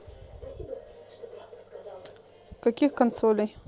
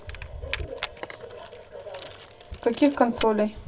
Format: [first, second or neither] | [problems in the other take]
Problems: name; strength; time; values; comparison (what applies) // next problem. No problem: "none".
first | background sound (Keys jangling); 13 dB below the speech // room echo; dies away in 0.2 s